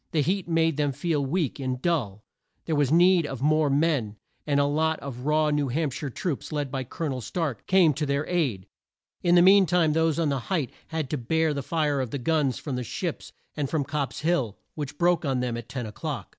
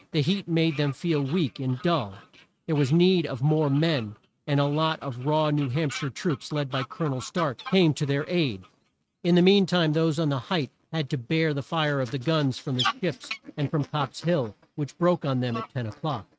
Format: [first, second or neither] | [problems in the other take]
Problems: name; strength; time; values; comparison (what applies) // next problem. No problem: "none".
first | noise reduction (neural mask model RNNoise)